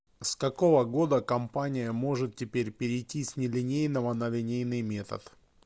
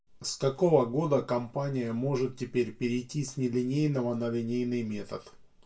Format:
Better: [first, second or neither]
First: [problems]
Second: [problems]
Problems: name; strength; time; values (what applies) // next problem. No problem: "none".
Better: first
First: none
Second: room echo; dies away in 0.2 s